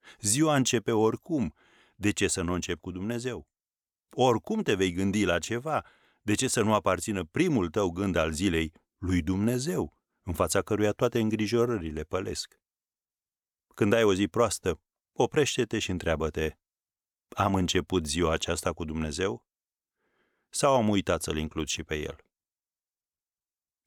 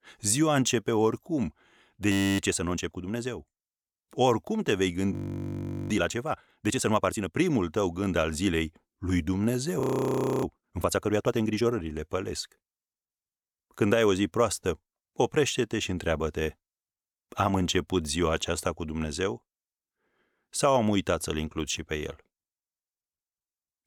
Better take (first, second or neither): first